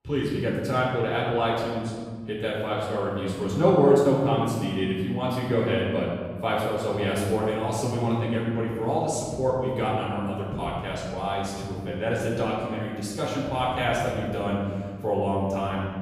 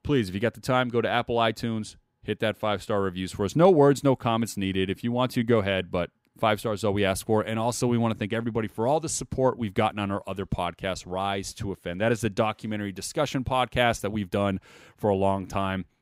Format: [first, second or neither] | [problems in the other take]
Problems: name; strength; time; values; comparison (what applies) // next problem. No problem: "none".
second | room echo; noticeable; dies away in 1.8 s // off-mic speech; far